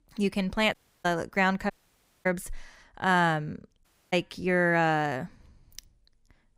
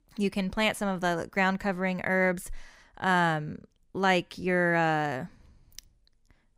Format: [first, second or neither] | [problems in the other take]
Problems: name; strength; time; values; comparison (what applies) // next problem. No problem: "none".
second | audio cutting out; at 0.5 s, at 1.5 s for 0.5 s and at 4 s